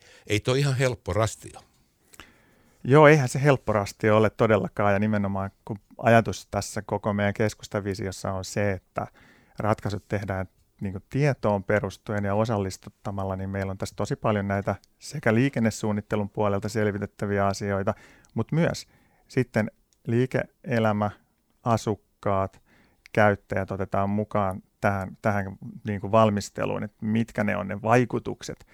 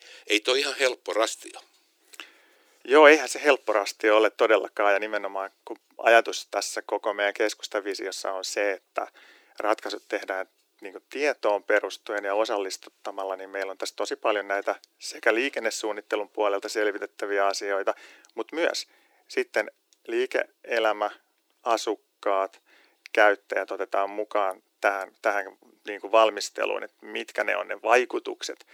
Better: first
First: none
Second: thin; very; fading below 300 Hz

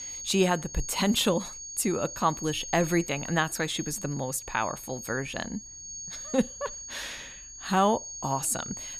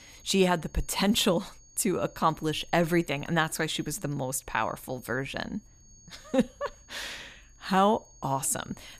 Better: second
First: high-pitched whine; loud; throughout; 6.5 kHz, 9 dB below the speech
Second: high-pitched whine; faint; throughout; 6.5 kHz, 25 dB below the speech

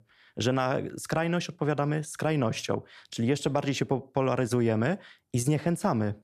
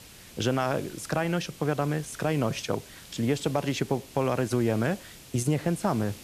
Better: first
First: none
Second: hiss; noticeable; throughout; 20 dB below the speech

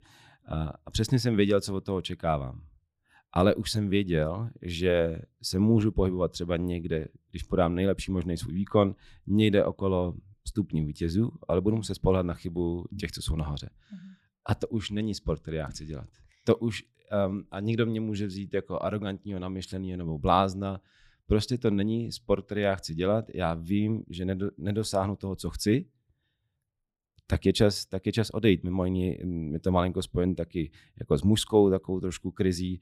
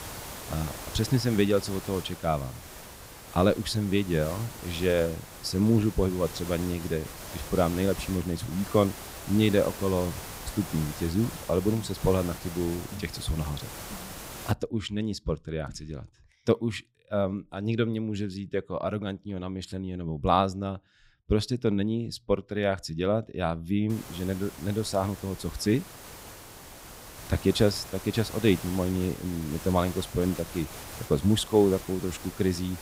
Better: first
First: none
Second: hiss; noticeable; until 15 s and from 24 s on; 10 dB below the speech

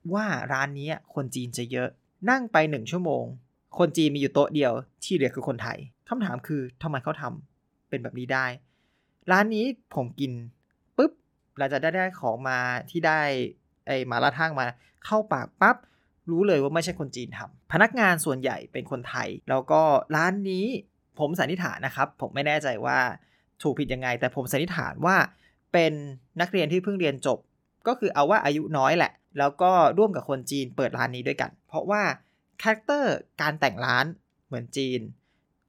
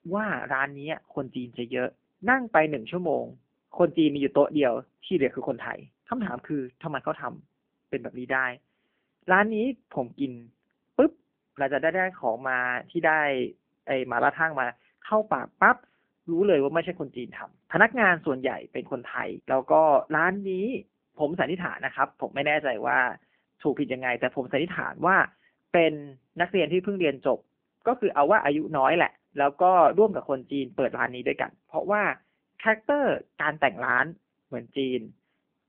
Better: first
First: none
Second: phone-call audio; poor line; nothing above 3 kHz

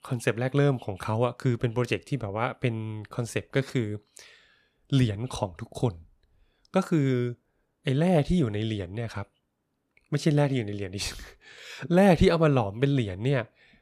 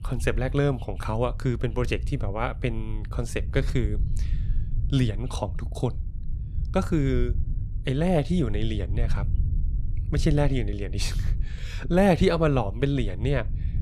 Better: first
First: none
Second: low rumble; noticeable; throughout; 20 dB below the speech

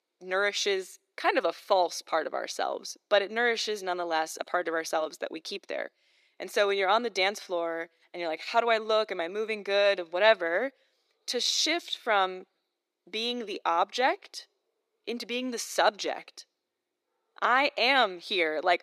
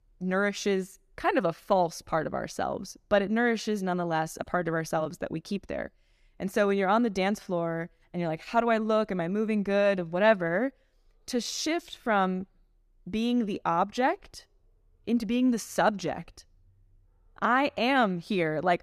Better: second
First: thin; somewhat; fading below 350 Hz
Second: none

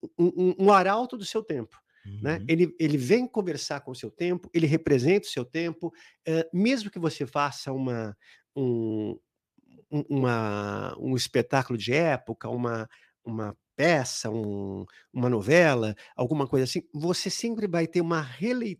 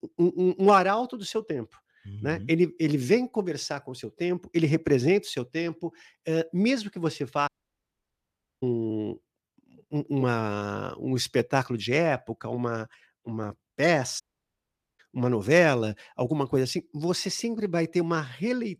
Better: first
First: none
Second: audio cutting out; at 7.5 s for 1 s and at 14 s for 1 s

